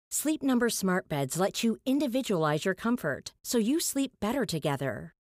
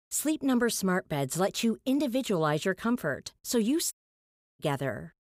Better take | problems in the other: first | audio cutting out; at 4 s for 0.5 s

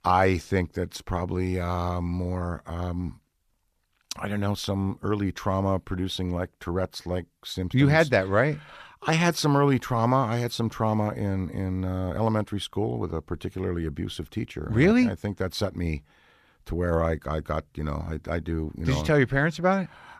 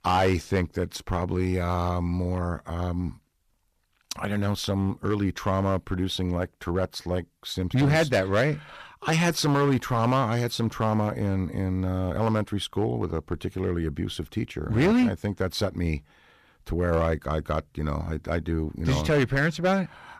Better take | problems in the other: first | distortion; slight; 4% of the sound clipped

